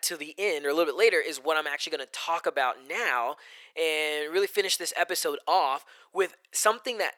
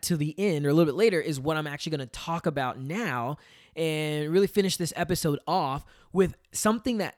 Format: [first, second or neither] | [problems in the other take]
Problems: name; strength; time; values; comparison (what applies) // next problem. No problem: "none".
second | thin; very; fading below 450 Hz